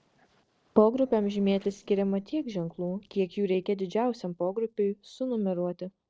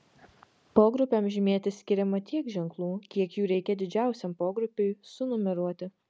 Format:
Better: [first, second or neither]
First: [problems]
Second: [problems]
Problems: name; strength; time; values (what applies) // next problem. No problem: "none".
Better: second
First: noise reduction (neural separator model SepFormer DNS4)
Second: none